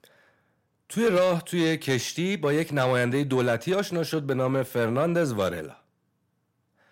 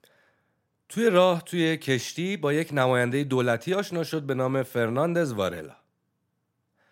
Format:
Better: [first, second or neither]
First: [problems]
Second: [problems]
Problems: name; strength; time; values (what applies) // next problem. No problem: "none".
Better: second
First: distortion; slight; 10 dB below the speech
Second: none